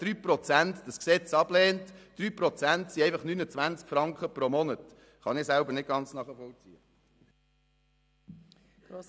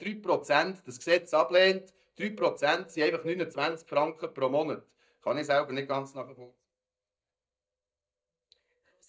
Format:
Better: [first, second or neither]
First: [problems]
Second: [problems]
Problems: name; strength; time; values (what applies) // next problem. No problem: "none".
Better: first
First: none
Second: noise reduction (neural mask model DeepFilterNet 3)